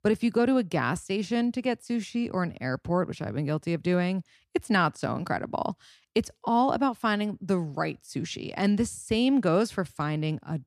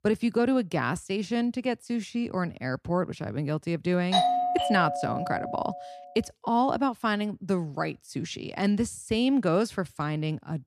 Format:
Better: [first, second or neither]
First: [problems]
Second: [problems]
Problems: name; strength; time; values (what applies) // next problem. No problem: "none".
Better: first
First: none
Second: doorbell; loud; from 4 to 5.5 s; peak 5 dB above the speech